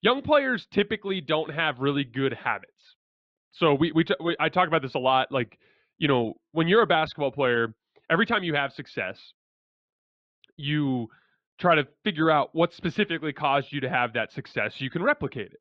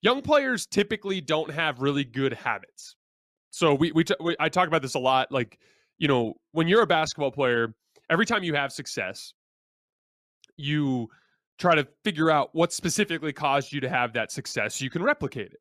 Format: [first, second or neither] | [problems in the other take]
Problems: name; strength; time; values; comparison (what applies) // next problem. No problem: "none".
second | muffled; very; fading above 3.5 kHz